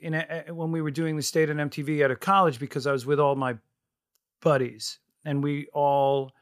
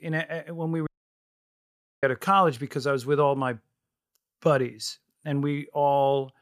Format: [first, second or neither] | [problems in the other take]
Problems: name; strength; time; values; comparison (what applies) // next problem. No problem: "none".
first | audio cutting out; at 1 s for 1 s